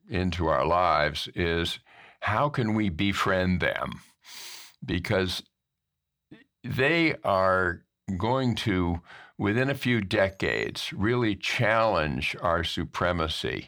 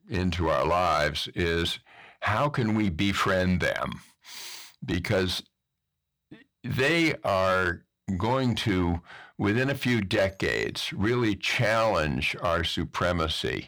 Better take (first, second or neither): first